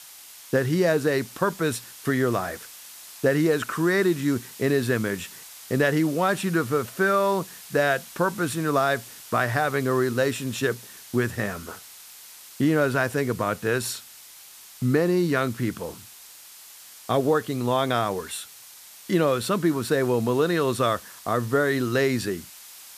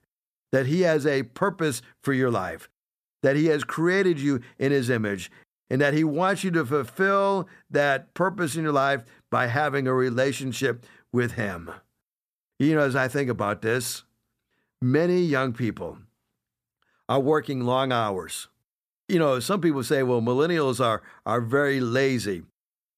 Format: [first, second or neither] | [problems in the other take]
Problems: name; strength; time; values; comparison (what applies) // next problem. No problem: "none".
second | hiss; noticeable; throughout; 15 dB below the speech